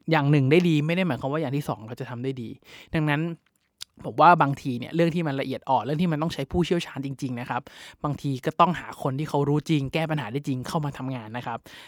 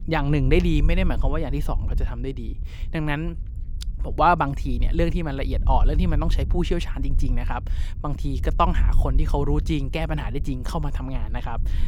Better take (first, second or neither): first